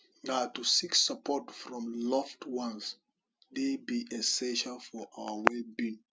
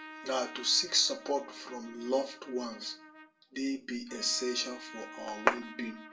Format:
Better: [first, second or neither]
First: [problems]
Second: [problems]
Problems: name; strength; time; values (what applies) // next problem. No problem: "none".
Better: first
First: none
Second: background sound (Trumpet); 15 dB below the speech // room echo; dies away in 0.2 s